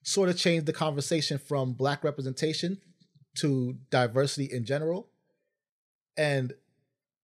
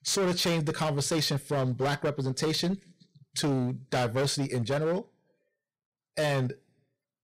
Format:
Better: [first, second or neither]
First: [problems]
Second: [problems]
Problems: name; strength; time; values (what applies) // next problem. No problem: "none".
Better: first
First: none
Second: distortion; heavy; 17% of the sound clipped